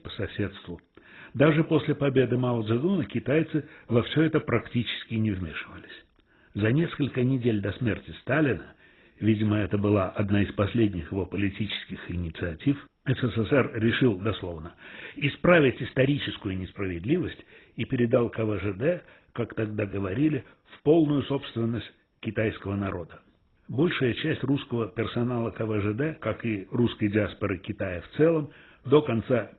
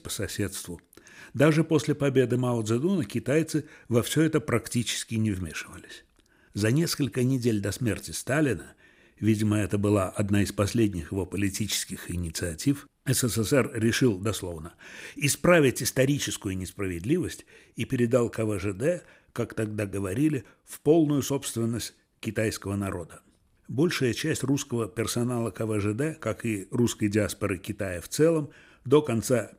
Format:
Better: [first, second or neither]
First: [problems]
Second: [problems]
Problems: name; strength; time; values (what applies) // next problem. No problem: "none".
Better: second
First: garbled, watery; badly; nothing above 4 kHz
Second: none